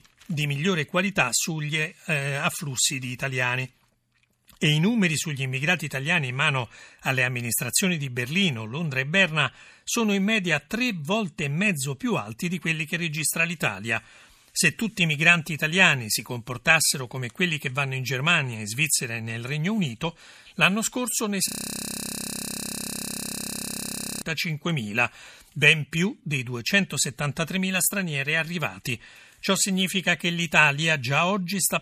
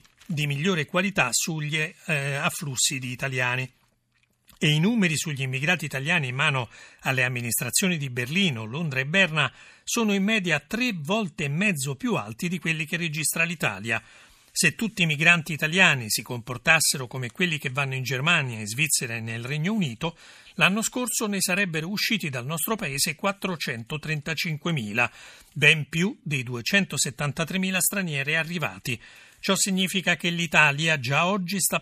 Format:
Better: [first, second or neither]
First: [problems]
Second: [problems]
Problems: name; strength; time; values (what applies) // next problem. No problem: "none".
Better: second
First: audio freezing; at 21 s for 2.5 s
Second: none